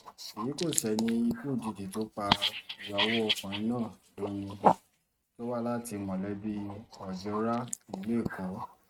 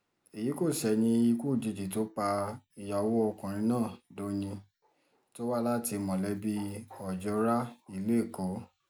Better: second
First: noise reduction (neural mask model RNNoise)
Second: none

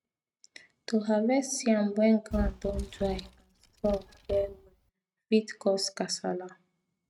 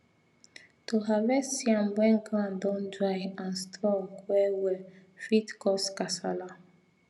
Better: second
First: noise reduction (neural mask model RNNoise)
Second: none

